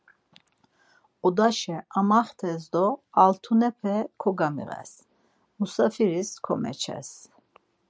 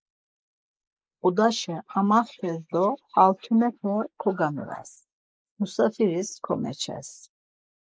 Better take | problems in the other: first | noise reduction (neural mask model Resemble Enhance denoiser)

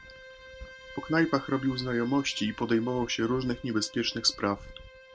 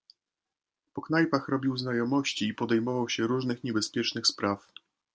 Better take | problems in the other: second | background sound (Bowed string instrument + Glass); 17 dB below the speech

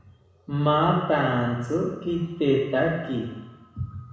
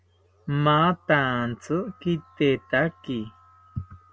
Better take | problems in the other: second | room echo; dies away in 1 s

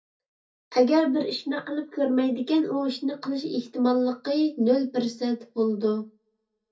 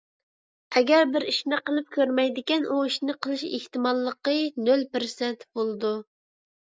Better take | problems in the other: second | room echo; dies away in 0.3 s

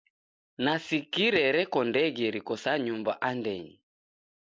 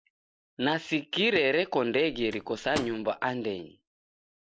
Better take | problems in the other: first | background sound (Microwave oven); 15 dB below the speech

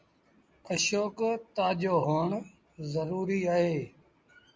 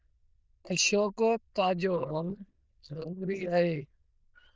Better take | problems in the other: first | noise reduction (neural diffusion model UNIVERSE++)

